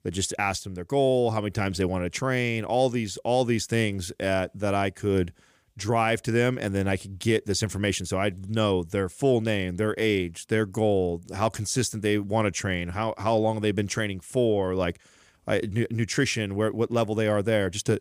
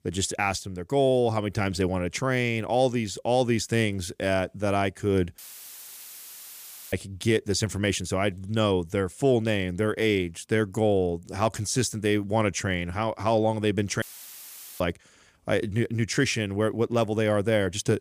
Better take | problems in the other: first | audio cutting out; filled with static; at 5.5 s for 1.5 s and at 14 s for 1 s

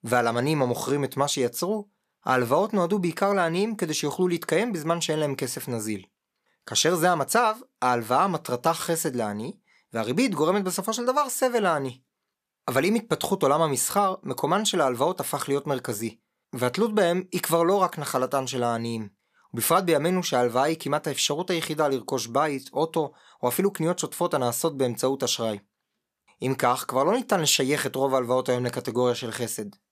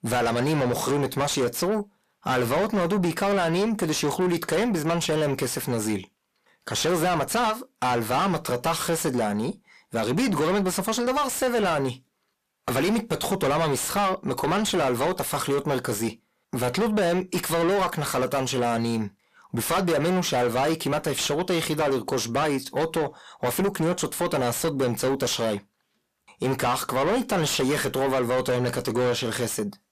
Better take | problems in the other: first | distortion; heavy; 6 dB below the speech

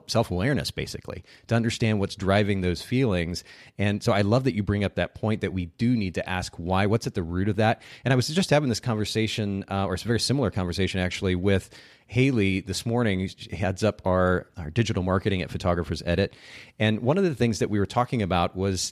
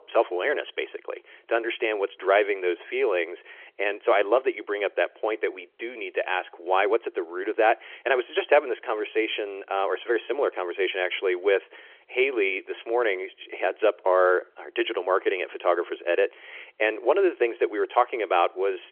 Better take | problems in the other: first | phone-call audio; nothing above 3.5 kHz

